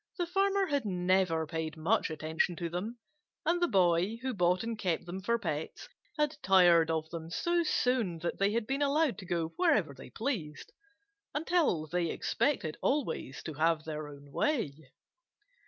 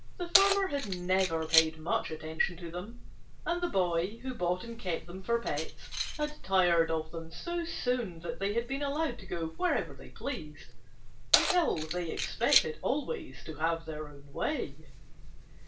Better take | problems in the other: first | background sound (Keys jangling); 3 dB below the speech // room echo; dies away in 0.3 s

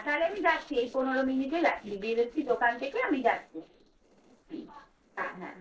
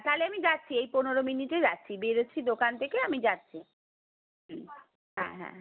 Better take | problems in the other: second | noise reduction (neural separator model SepFormer DNS4)

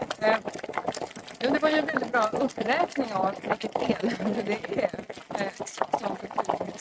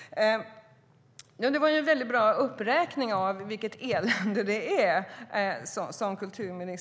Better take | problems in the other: second | noise reduction (neural mask model RNNoise)

